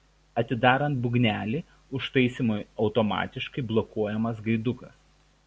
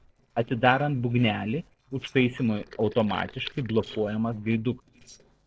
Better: first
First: none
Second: noise reduction (neural separator model SepFormer DNS4)

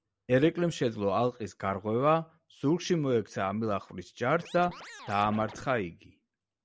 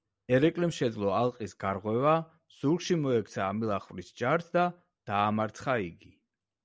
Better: second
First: background sound (Scratching (performance technique)); 17 dB below the speech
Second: none

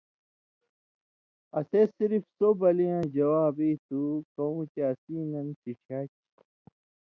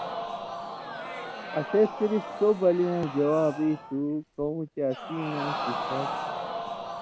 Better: first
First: none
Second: background sound (Crowd); 7 dB below the speech

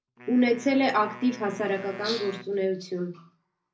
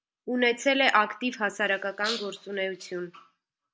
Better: second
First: background sound (Wind instrument, woodwind instrument); 18 dB below the speech // room echo; dies away in 0.4 s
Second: none

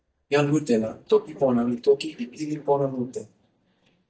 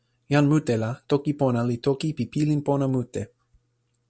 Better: second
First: noise reduction (neural mask model DeepFilterNet 3)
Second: none

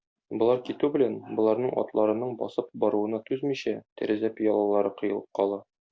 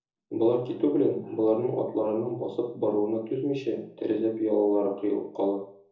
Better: first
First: none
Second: room echo; dies away in 0.5 s

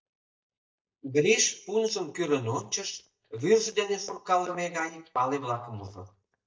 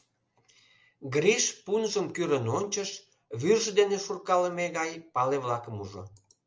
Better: second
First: noise reduction (neural mask model DeepFilterNet 3)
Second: none

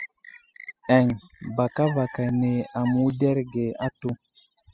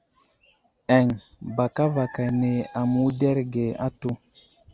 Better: second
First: noise reduction (classical method spectral subtraction)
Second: none

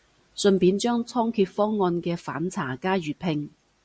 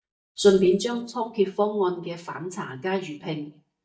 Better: first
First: none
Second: noise reduction (neural mask model DeepFilterNet 3)

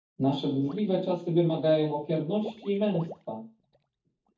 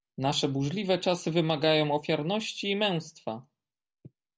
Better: second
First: noise reduction (neural mask model DeepFilterNet 3)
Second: none

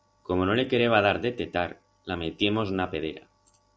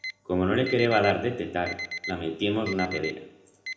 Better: first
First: none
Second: background sound (Alarm); 11 dB below the speech // room echo; dies away in 0.8 s

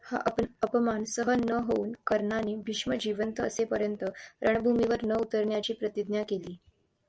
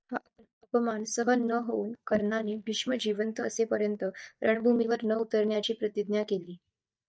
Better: first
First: none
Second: noise reduction (neural mask model DeepFilterNet 3)

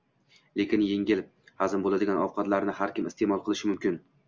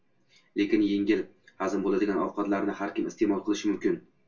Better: first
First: none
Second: room echo; dies away in 0.2 s

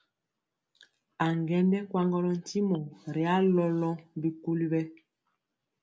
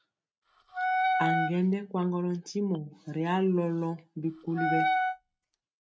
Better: first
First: none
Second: noise reduction (neural mask model RNNoise)

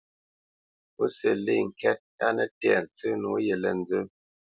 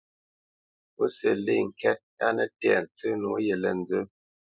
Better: first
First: none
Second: noise reduction (neural mask model Resemble Enhance denoiser)

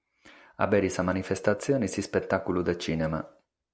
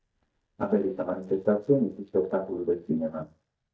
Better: first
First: none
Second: noise reduction (neural mask model DeepFilterNet 3)

